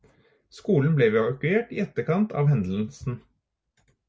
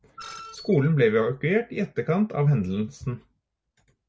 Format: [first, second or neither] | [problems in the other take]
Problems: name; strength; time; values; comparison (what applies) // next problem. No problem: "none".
first | background sound (Screech); 18 dB below the speech